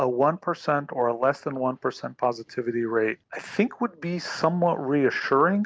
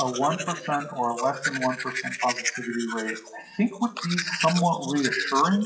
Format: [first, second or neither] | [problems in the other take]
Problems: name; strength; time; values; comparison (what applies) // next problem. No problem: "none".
first | noise reduction (classical method WPE with log-MMSE)